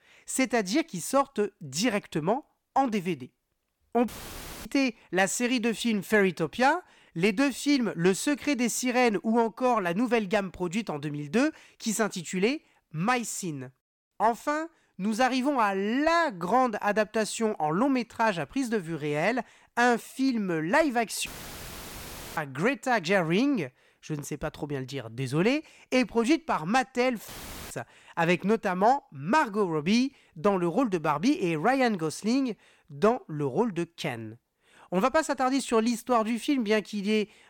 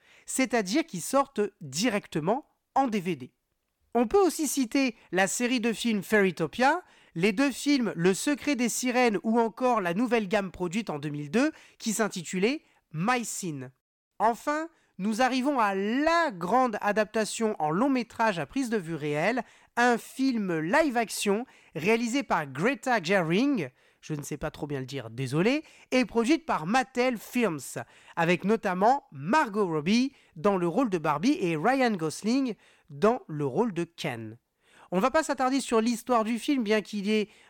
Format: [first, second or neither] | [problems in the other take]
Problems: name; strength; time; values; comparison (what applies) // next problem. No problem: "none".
second | audio cutting out; filled with static; at 4 s for 0.5 s, at 21 s for 1 s and at 27 s